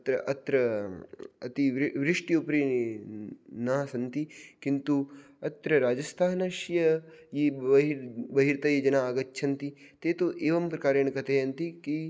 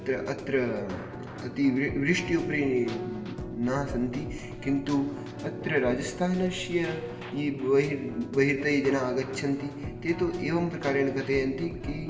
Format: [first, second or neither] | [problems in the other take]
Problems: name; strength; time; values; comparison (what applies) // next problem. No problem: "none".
first | background sound (Keyboard (musical)); 10 dB below the speech // room echo; dies away in 0.9 s